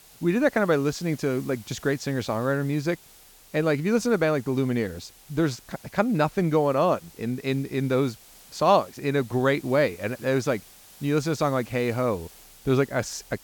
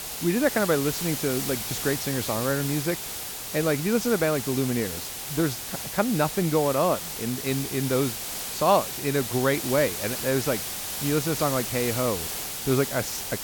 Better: first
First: hiss; faint; throughout; 25 dB below the speech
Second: hiss; loud; throughout; 4 dB below the speech

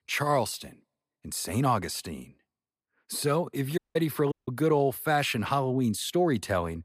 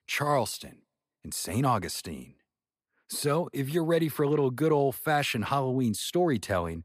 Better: second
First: audio cutting out; at 4 s and at 4.5 s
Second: none

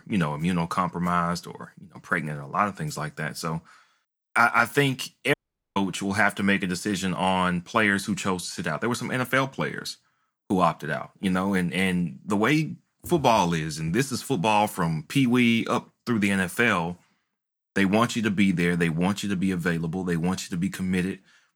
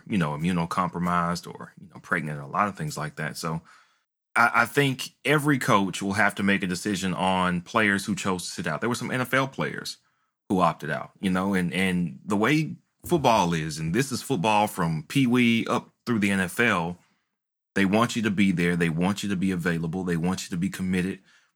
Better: second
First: audio cutting out; at 5.5 s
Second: none

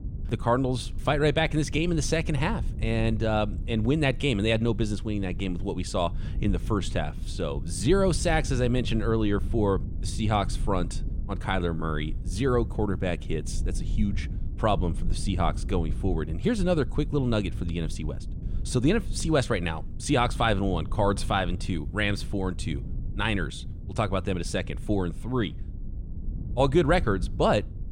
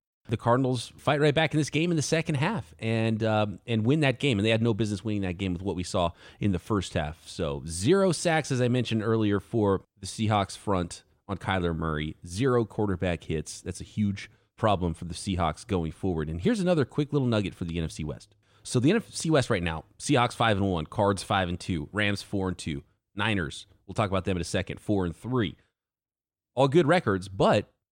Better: second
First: low rumble; faint; throughout; 20 dB below the speech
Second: none

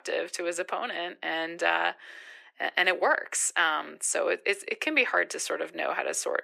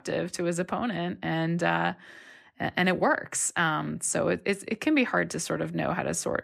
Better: second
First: thin; very; fading below 400 Hz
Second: none

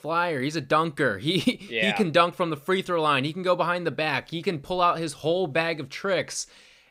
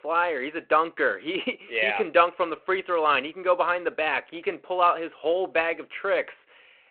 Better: first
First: none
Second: phone-call audio

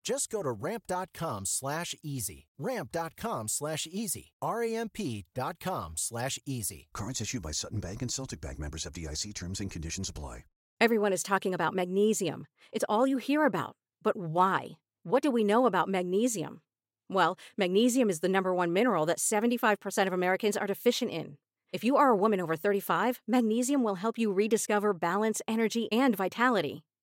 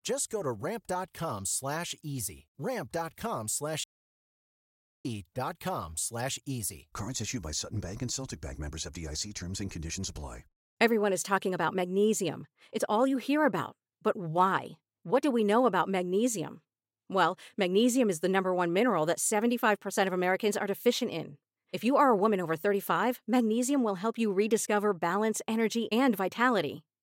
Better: first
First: none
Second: audio cutting out; at 4 s for 1 s

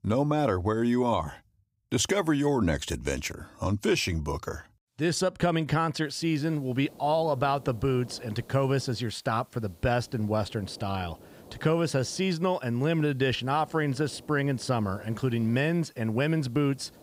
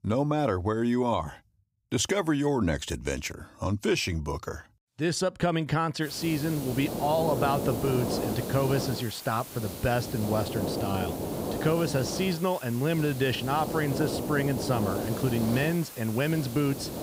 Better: first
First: hiss; faint; from 6 s on; 25 dB below the speech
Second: hiss; loud; from 6 s on; 5 dB below the speech

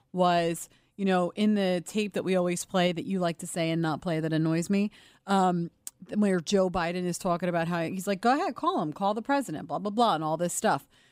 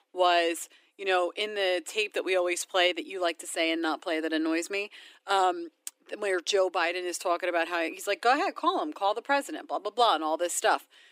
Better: first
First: none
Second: thin; very; fading below 300 Hz

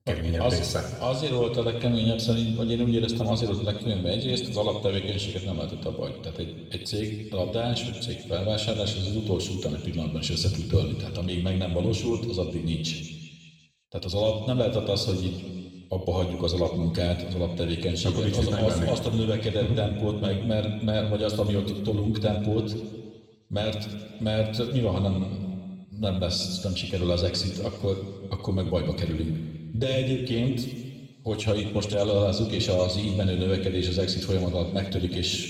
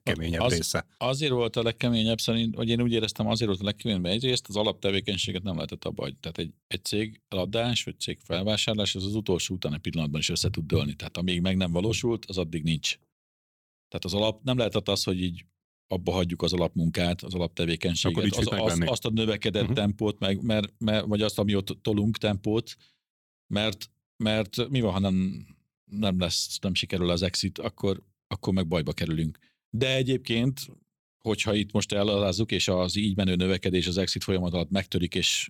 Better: second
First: room echo; noticeable; dies away in 1.7 s // off-mic speech; somewhat distant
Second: none

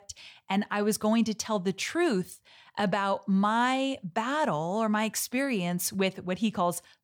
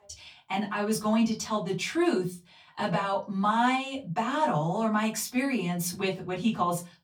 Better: first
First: none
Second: off-mic speech; far // room echo; very slight; dies away in 0.2 s

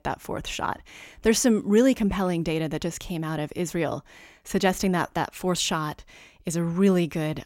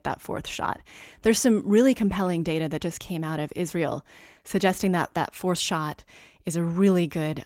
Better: first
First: none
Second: garbled, watery; slightly; nothing above 16.5 kHz

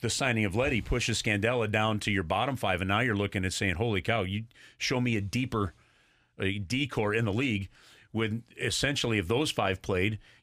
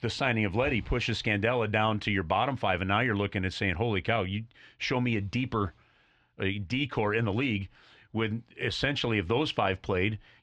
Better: first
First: none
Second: muffled; very slightly; fading above 4.5 kHz

